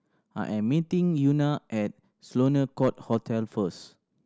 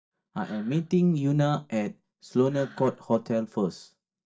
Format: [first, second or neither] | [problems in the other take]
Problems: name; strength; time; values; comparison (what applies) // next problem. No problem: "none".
first | noise reduction (neural mask model DeepFilterNet 3)